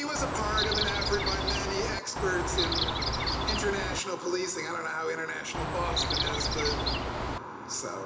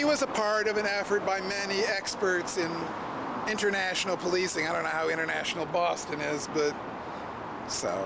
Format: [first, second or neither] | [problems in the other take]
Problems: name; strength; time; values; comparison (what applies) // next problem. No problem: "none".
second | background sound (Chirp, tweet); 2 dB above the speech // room echo; dies away in 0.8 s